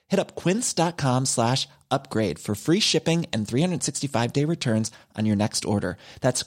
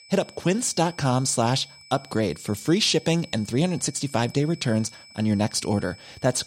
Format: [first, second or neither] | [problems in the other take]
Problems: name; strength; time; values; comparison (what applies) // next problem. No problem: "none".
first | high-pitched whine; faint; throughout; 5 kHz, 20 dB below the speech